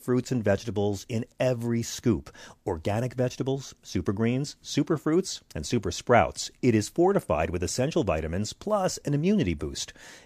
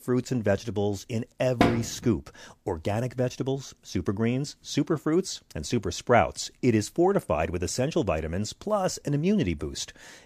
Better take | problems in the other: first | door banging; loud; at 1.5 s; peak 2 dB above the speech

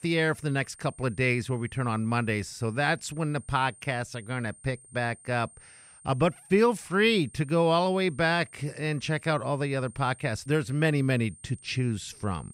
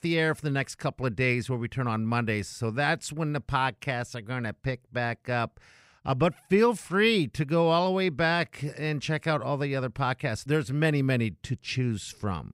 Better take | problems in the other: second | high-pitched whine; faint; throughout; 8.5 kHz, 25 dB below the speech

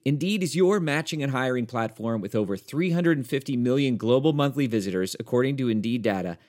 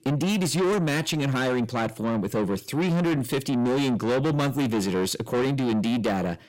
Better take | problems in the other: first | distortion; heavy; 7 dB below the speech

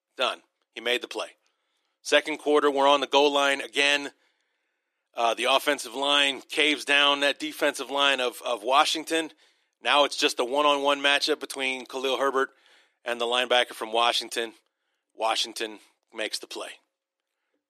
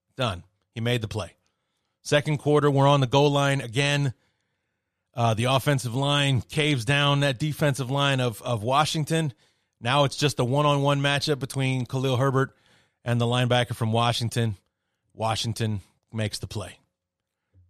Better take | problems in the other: second | thin; somewhat; fading below 300 Hz

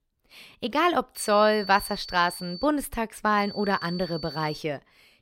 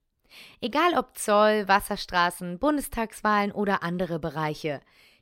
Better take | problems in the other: second | high-pitched whine; noticeable; from 1 to 2.5 s and from 3.5 to 4.5 s; 4.5 kHz, 15 dB below the speech

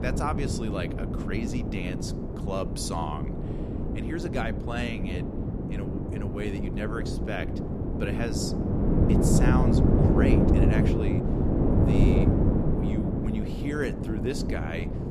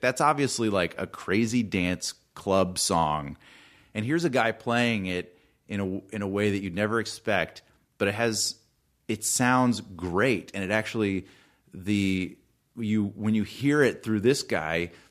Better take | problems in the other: second | wind noise on the microphone; heavy; 2 dB above the speech

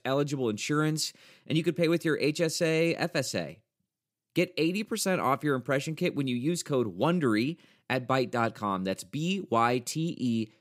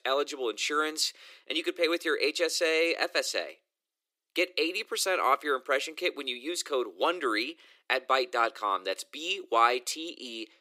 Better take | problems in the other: first | thin; very; fading below 350 Hz

